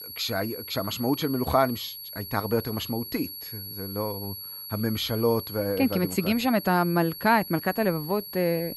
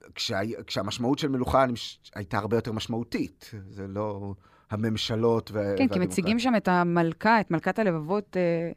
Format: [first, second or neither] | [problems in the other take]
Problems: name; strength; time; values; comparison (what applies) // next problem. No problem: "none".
second | high-pitched whine; loud; throughout; 11.5 kHz, 10 dB below the speech